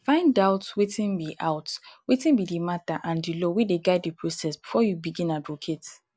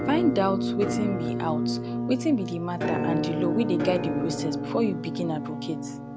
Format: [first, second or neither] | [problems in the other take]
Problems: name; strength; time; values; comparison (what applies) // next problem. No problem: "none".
first | background sound (Musical instrument); as loud as the speech